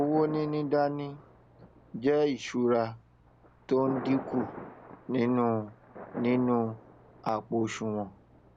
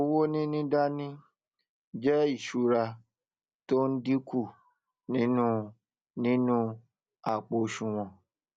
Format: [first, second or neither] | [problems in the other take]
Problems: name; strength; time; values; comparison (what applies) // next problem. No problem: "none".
second | background sound (Thunder); 14 dB below the speech